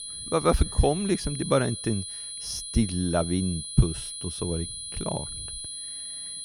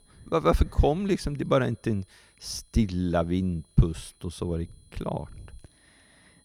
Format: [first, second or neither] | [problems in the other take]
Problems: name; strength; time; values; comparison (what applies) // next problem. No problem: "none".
second | high-pitched whine; loud; throughout; 9.5 kHz, 7 dB below the speech; faint in the second